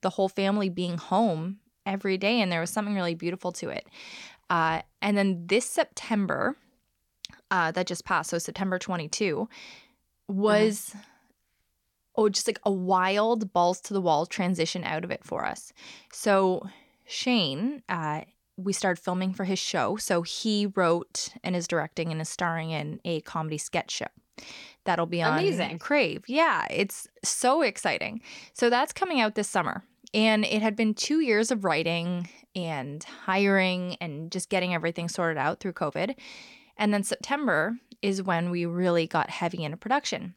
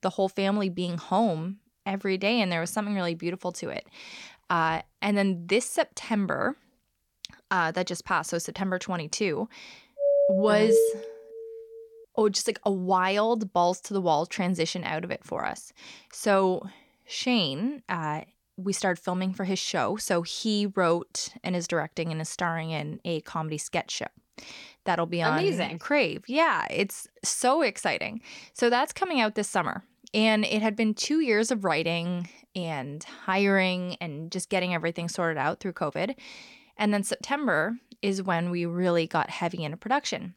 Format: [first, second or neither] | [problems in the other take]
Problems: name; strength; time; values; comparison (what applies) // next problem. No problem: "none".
first | doorbell; loud; at 10 s; peak 5 dB above the speech